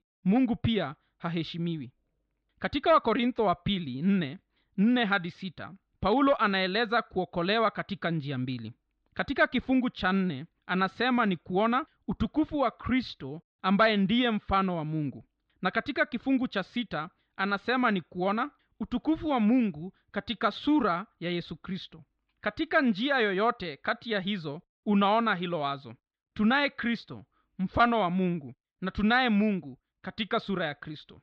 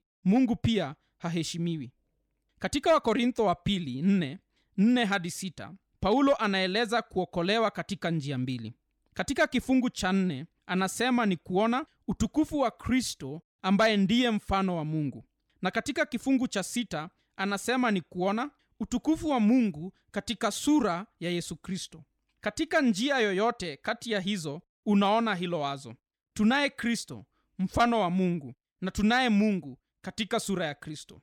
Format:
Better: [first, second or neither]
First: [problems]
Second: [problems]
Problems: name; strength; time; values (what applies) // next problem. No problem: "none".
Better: second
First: muffled; slightly; fading above 4 kHz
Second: none